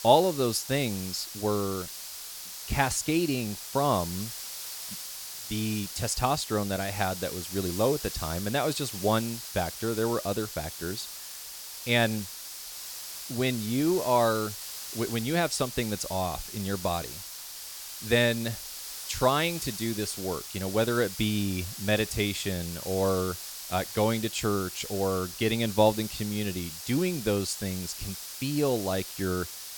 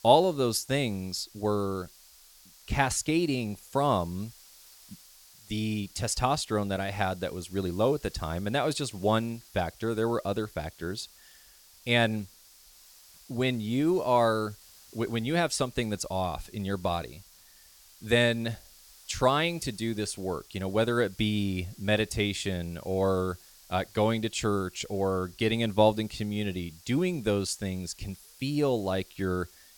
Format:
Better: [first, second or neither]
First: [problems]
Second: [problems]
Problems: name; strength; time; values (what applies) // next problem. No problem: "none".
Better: second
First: hiss; loud; throughout; 8 dB below the speech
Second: hiss; faint; throughout; 25 dB below the speech